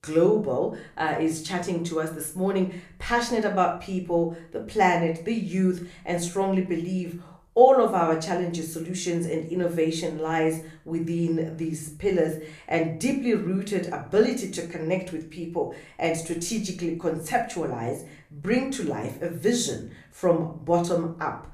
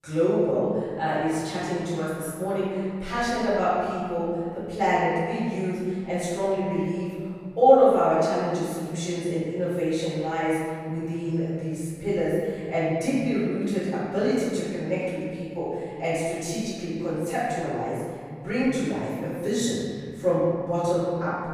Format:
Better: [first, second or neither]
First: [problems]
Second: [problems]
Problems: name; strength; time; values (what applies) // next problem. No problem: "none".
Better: first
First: room echo; slight; dies away in 0.4 s // off-mic speech; somewhat distant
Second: room echo; strong; dies away in 1.9 s // off-mic speech; far